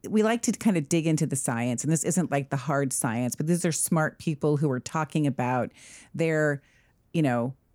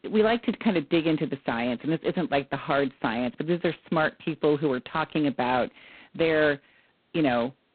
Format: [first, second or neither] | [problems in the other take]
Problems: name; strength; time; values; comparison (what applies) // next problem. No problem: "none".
first | phone-call audio; poor line; nothing above 4 kHz